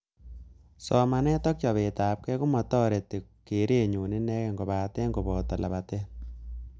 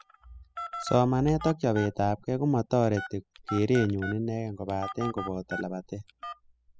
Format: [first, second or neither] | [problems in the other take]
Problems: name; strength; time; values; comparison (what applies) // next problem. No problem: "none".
first | noise reduction (classical method spectral subtraction)